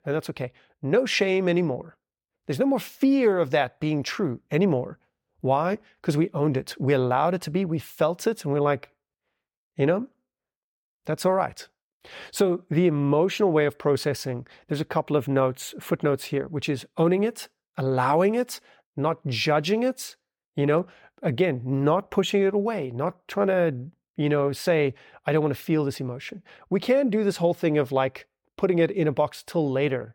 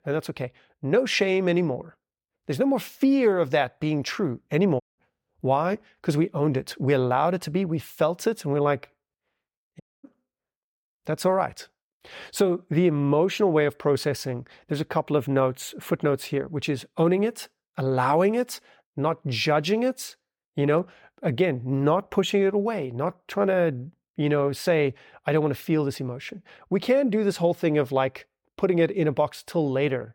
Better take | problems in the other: first | audio cutting out; at 5 s and at 10 s

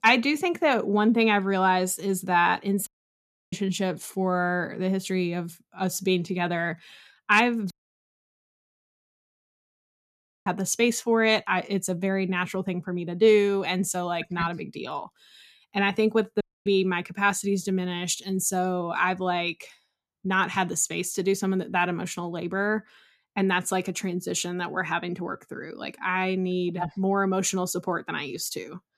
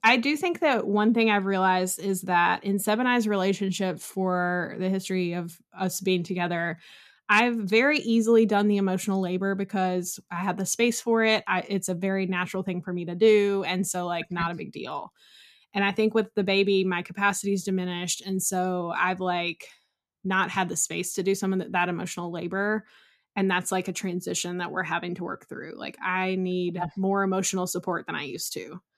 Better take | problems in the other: second | audio cutting out; at 3 s for 0.5 s, at 7.5 s for 3 s and at 16 s

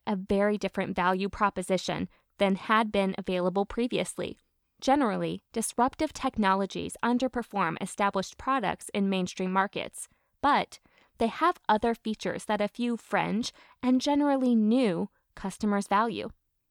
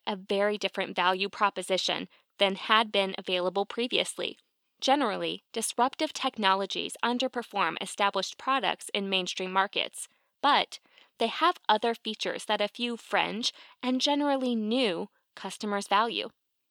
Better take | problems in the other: first | thin; very slightly; fading below 300 Hz

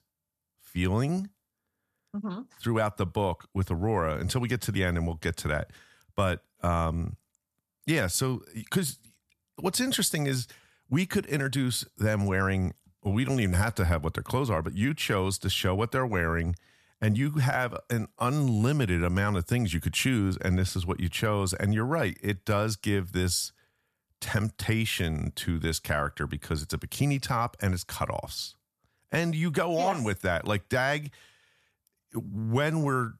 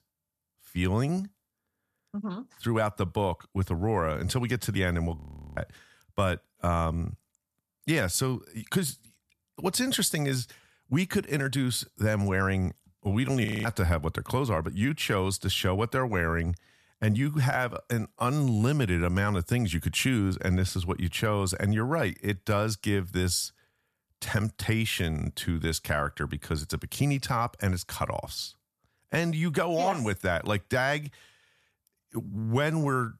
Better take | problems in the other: first | audio freezing; at 5 s and at 13 s

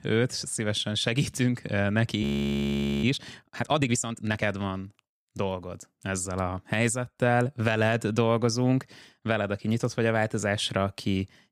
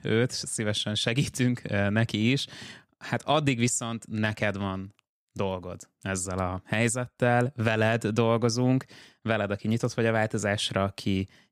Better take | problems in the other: second | audio freezing; at 2 s for 1 s

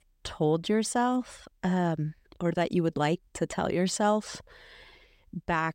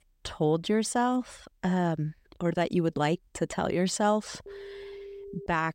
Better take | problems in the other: first | phone ringing; faint; from 4.5 s on; peak 15 dB below the speech

